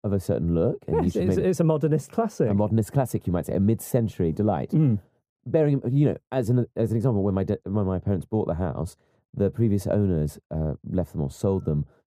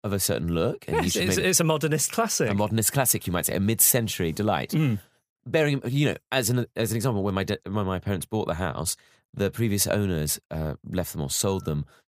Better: second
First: muffled; very; fading above 1 kHz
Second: none

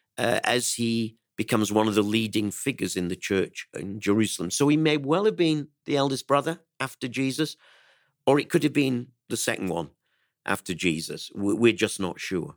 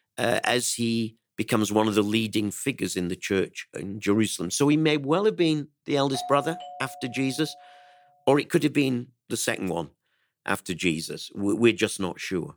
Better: first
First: none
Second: doorbell; noticeable; from 6 to 7.5 s; peak 10 dB below the speech

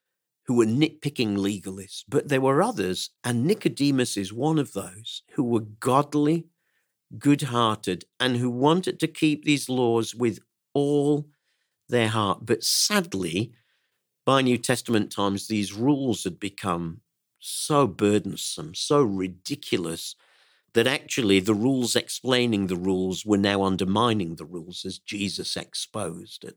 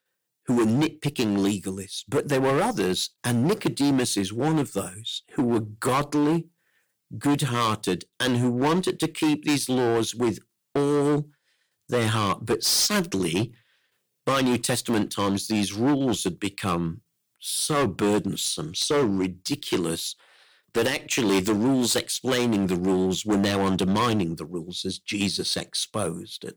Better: first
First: none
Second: distortion; heavy; 11% of the sound clipped

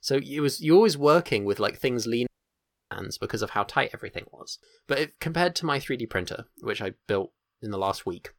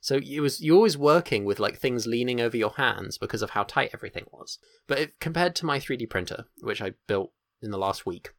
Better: second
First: audio cutting out; at 2.5 s for 0.5 s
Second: none

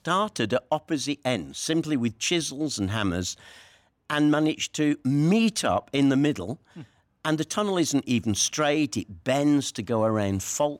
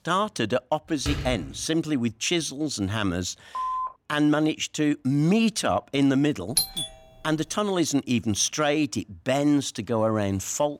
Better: first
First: none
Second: door banging; noticeable; at 1 s; peak 6 dB below the speech // phone ringing; noticeable; at 3.5 s; peak 4 dB below the speech // doorbell; loud; at 6.5 s; peak 1 dB above the speech

